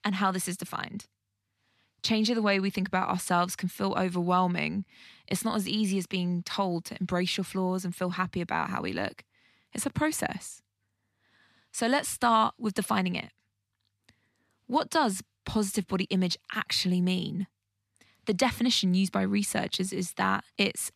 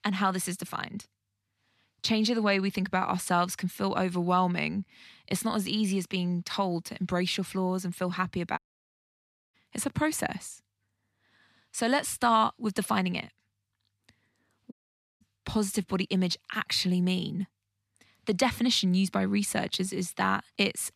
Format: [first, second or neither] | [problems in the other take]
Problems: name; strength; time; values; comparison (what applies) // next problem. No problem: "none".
first | audio cutting out; at 8.5 s for 1 s and at 15 s